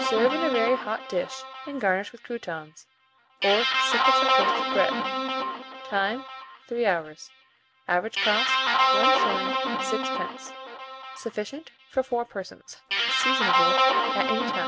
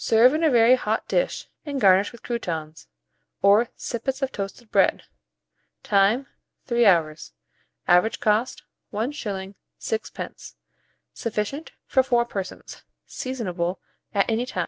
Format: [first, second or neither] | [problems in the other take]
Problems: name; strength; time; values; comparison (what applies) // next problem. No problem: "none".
second | background sound (Guitar); 3 dB above the speech